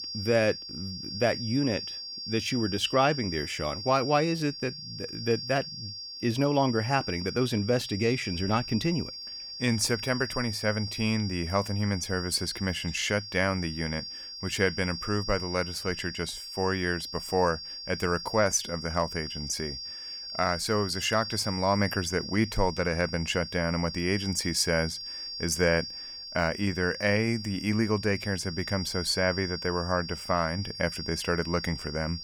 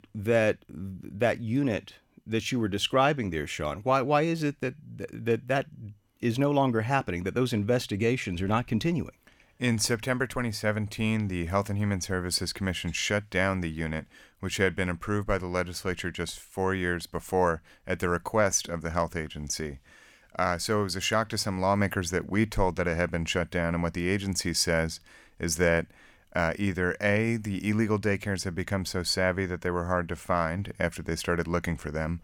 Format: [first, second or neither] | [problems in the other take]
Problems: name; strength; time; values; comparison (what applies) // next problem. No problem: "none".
second | high-pitched whine; loud; throughout; 5 kHz, 7 dB below the speech